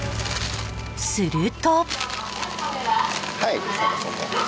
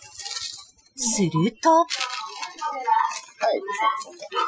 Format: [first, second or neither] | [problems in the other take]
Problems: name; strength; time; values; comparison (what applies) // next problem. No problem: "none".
first | noise reduction (classical method Wiener filter)